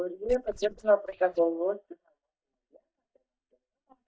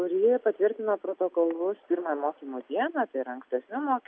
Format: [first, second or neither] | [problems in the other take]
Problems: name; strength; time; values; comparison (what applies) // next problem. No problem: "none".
second | noise reduction (neural mask model DeepFilterNet 3)